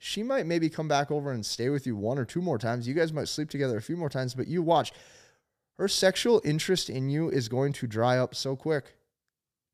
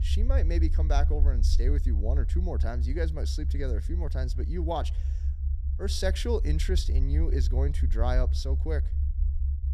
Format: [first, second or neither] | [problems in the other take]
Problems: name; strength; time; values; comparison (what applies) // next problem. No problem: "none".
first | low rumble; noticeable; throughout; 10 dB below the speech